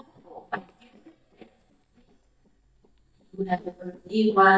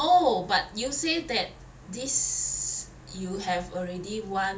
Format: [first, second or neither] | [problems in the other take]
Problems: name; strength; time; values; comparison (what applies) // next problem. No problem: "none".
second | noise reduction (neural mask model DeepFilterNet 3)